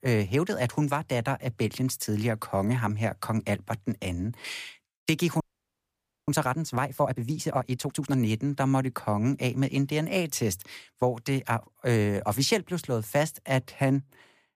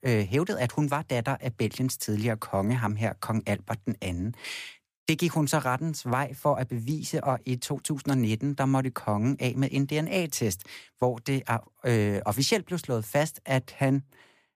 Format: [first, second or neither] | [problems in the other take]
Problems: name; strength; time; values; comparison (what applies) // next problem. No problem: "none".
second | audio freezing; at 5.5 s for 1 s